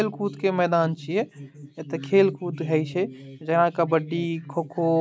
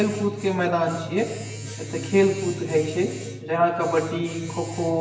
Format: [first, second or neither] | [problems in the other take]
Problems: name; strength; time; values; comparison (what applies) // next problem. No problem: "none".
first | background sound (Domestic sounds, home sounds); 13 dB below the speech // room echo; dies away in 1.3 s